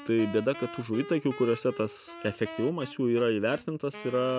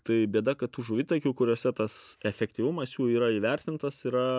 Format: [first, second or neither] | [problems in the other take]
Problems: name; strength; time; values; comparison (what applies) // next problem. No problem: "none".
second | background sound (Wind instrument, woodwind instrument); 16 dB below the speech